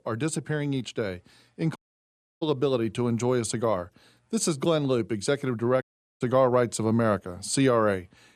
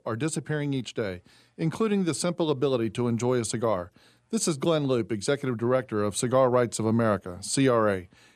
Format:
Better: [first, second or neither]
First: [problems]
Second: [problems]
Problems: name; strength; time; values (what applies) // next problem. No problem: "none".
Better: second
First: audio cutting out; at 2 s for 0.5 s and at 6 s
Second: none